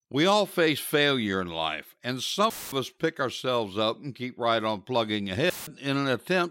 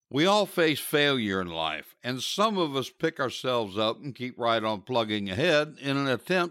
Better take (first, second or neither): second